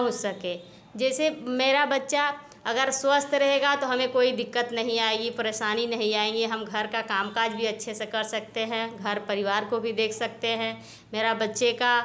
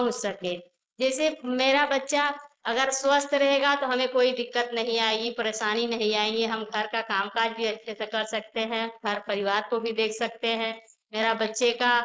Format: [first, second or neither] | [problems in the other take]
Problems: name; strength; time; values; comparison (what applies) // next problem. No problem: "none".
first | noise reduction (neural mask model Resemble Enhance denoiser)